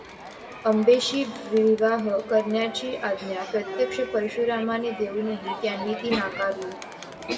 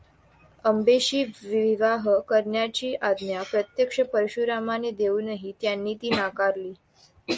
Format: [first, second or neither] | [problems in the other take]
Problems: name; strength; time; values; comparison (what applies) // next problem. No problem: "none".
second | background sound (Crowd); 12 dB below the speech // room echo; dies away in 1.4 s